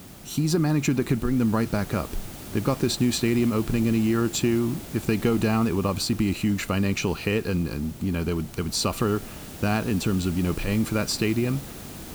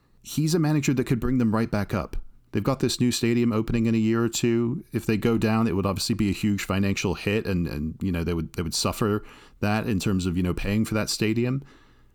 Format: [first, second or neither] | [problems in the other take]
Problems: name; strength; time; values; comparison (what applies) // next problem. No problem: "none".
second | hiss; noticeable; throughout; 15 dB below the speech